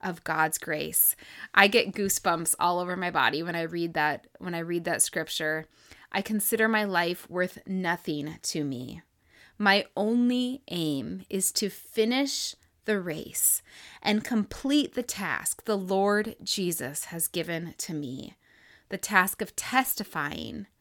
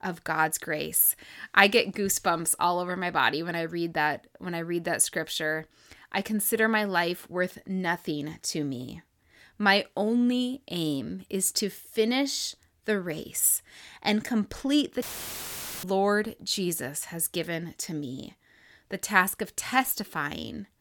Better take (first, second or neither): first